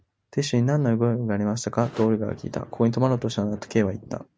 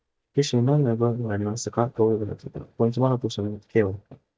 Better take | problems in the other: first | noise reduction (neural mask model DeepFilterNet 3)

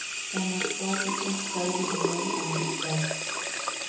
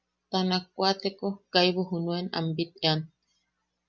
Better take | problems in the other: second | background sound (Sink (filling or washing) / Water tap, faucet); 3 dB above the speech // room echo; dies away in 0.9 s

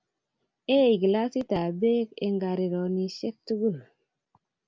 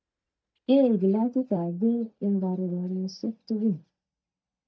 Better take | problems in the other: first | noise reduction (neural mask model DeepFilterNet 3)

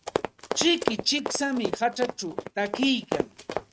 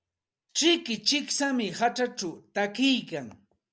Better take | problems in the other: second | noise reduction (neural mask model RNNoise)

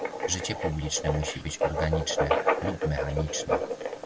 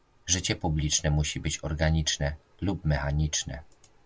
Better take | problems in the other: second | background sound (Writing); 2 dB above the speech

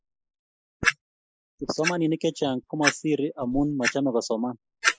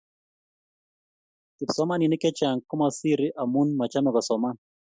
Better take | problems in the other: second | noise reduction (neural mask model Resemble Enhance denoiser)

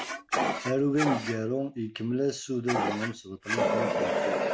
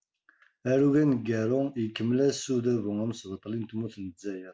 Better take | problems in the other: second | background sound (Fire); as loud as the speech

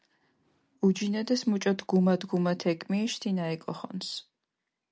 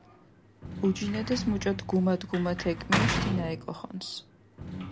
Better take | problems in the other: first | background sound (Sliding door / Slam); 4 dB below the speech

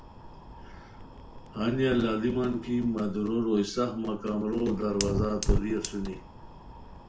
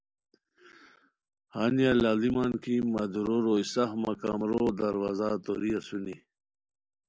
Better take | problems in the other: second | background sound (Fire); 6 dB below the speech // room echo; dies away in 0.4 s

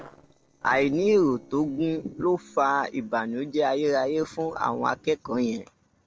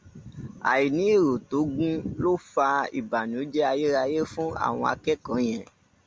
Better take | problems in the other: second | noise reduction (neural separator model SepFormer DNS4)

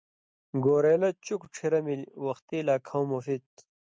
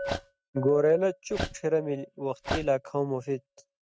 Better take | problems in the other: first | noise reduction (neural mask model RNNoise)

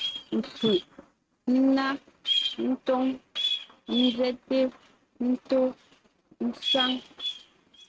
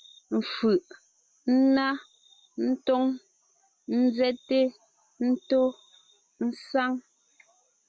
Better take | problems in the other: second | noise reduction (neural mask model RNNoise)

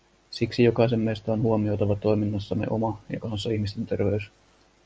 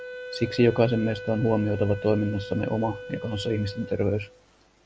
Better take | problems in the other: first | background sound (Wind instrument, woodwind instrument); 13 dB below the speech

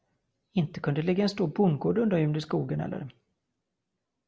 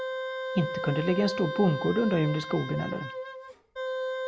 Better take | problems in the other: first | background sound (Wind instrument, woodwind instrument); 5 dB below the speech

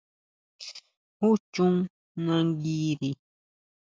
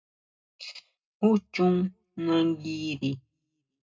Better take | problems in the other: first | room echo; dies away in 0.2 s

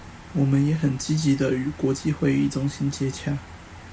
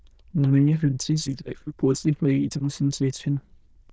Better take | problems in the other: first | noise reduction (neural diffusion model UNIVERSE++)

